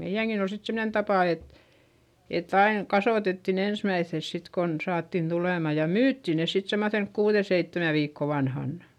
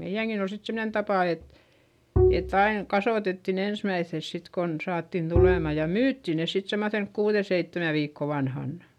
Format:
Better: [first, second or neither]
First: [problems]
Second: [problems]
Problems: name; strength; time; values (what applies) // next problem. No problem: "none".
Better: first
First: none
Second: background sound (Bowed string instrument); 2 dB above the speech